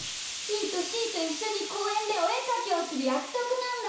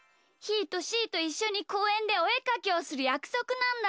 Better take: second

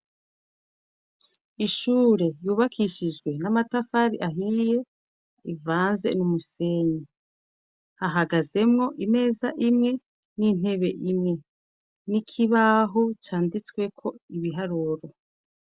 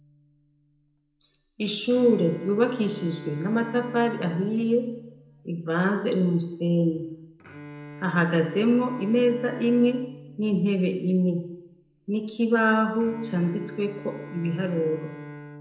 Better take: first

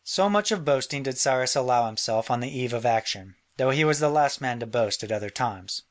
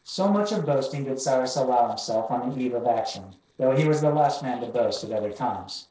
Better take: first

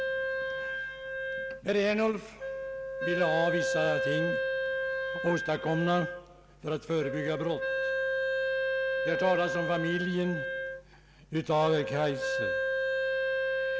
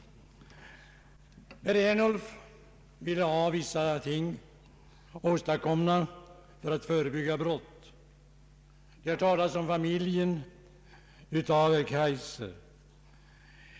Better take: second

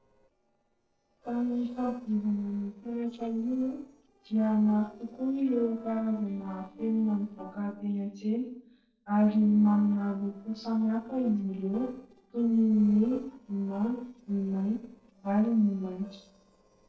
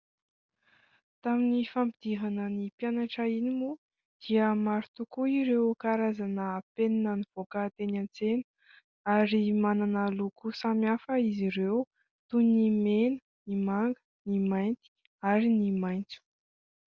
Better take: second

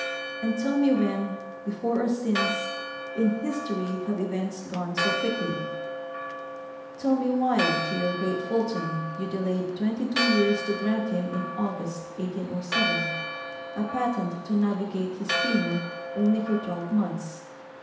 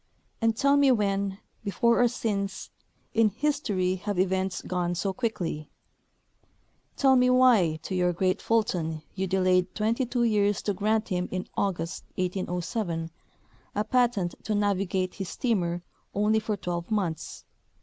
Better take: second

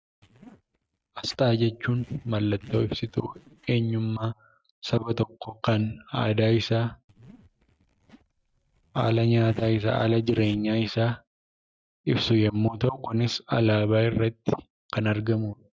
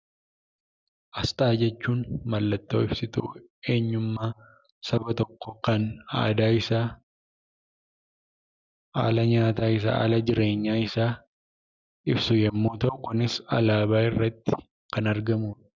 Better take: second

